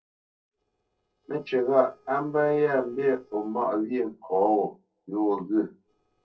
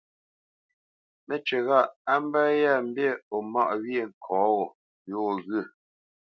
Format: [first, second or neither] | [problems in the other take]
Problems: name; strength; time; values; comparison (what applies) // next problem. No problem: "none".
second | noise reduction (neural separator model SepFormer DNS4)